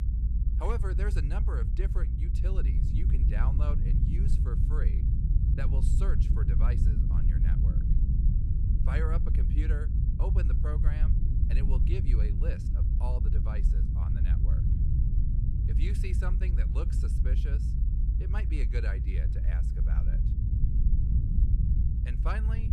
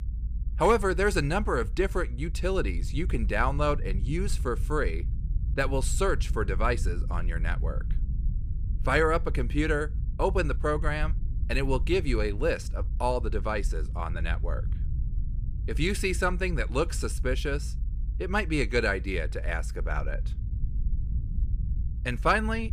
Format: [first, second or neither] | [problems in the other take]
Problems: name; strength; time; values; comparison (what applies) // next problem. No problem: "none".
second | low rumble; loud; throughout; 2 dB below the speech; faint in the second